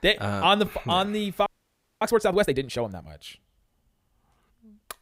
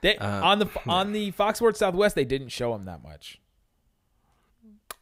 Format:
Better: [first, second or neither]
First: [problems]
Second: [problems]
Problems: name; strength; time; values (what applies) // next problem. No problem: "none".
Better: second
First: audio freezing; at 1.5 s for 0.5 s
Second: none